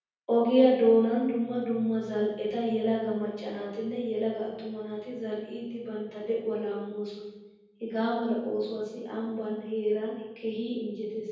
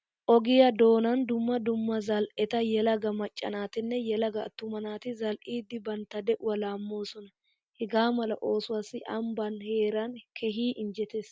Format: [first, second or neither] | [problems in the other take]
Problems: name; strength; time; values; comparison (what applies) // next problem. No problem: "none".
second | room echo; dies away in 1.1 s